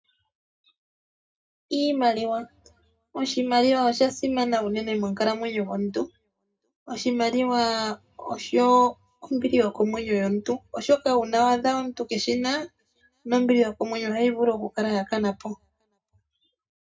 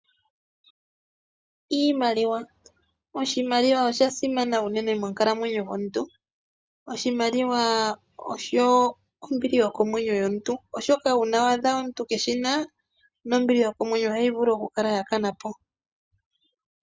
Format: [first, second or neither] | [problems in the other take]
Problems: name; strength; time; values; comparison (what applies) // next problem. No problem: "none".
second | room echo; dies away in 0.2 s